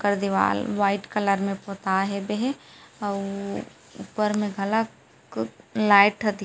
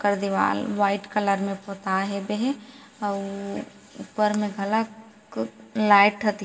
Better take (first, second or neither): first